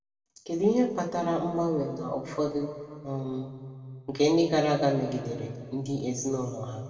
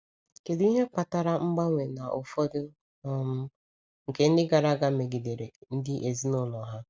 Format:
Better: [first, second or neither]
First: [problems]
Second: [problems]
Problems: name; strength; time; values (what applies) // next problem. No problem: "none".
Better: second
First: room echo; dies away in 2 s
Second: none